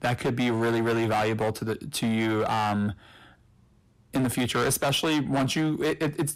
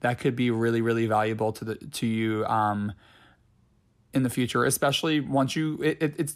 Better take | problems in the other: second | distortion; heavy; 19% of the sound clipped

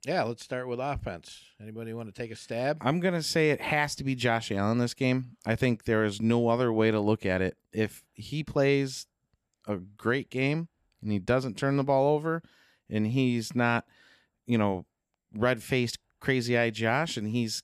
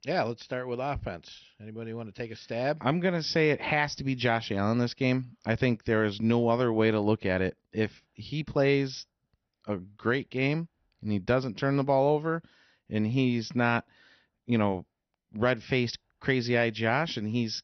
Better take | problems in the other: first | garbled, watery; slightly; nothing above 6 kHz

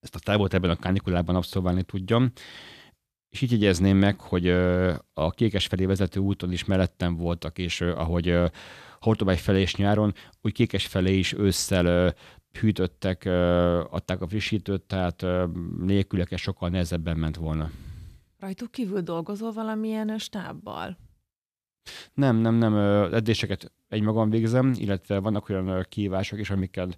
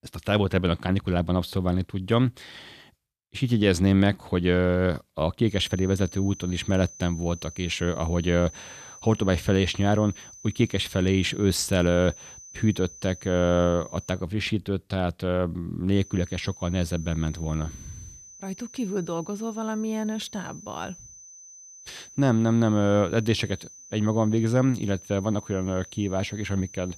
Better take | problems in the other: first | high-pitched whine; noticeable; from 5.5 to 14 s and from 16 s on; 6 kHz, 20 dB below the speech

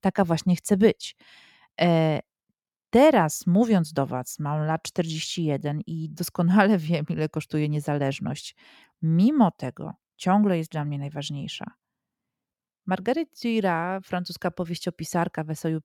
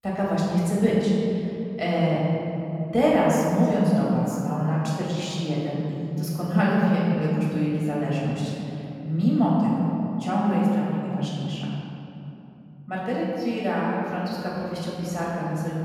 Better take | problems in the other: first | off-mic speech; far // room echo; strong; dies away in 3 s

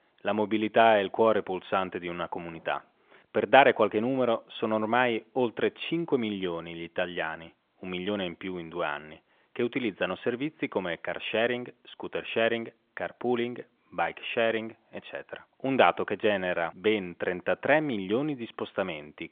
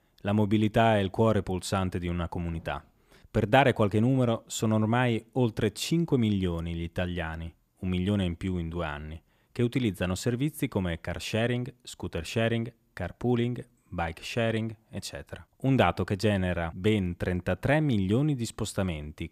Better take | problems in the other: second | phone-call audio; nothing above 3.5 kHz

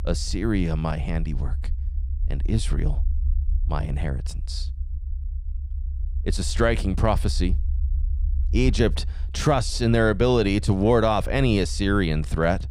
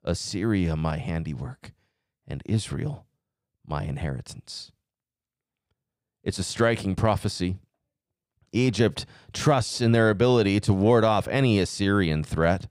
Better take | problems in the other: second | low rumble; faint; throughout; 25 dB below the speech

